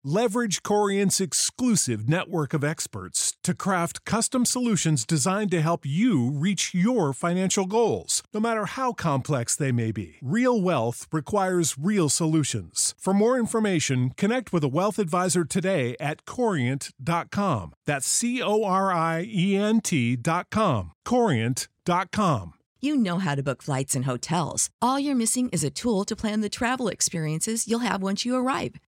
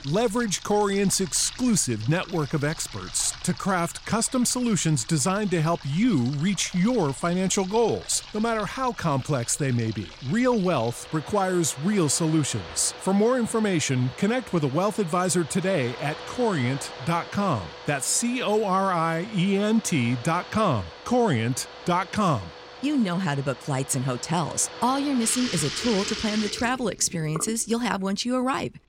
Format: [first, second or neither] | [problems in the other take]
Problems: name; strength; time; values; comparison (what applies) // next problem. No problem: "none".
first | household noises; noticeable; throughout; 15 dB below the speech